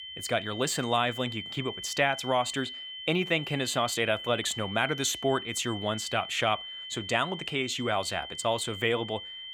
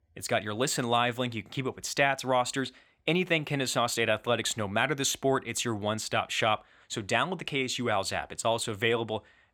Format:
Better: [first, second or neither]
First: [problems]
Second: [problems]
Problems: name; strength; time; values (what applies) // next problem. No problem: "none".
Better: second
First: high-pitched whine; loud; throughout; 3 kHz, 9 dB below the speech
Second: none